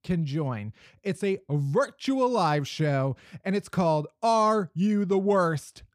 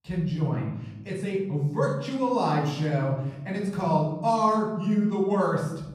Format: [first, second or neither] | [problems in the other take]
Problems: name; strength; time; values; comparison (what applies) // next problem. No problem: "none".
first | off-mic speech; far // room echo; noticeable; dies away in 0.9 s